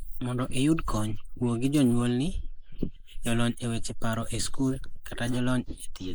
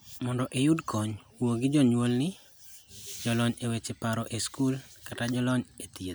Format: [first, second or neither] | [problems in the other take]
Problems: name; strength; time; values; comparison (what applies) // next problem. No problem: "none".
second | noise reduction (neural mask model Resemble Enhance denoiser)